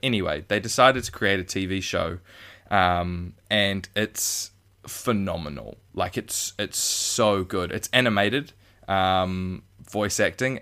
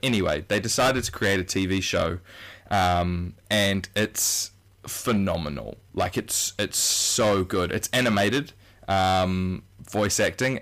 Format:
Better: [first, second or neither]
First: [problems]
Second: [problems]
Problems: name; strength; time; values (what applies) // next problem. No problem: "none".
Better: first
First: none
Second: distortion; heavy; 8% of the sound clipped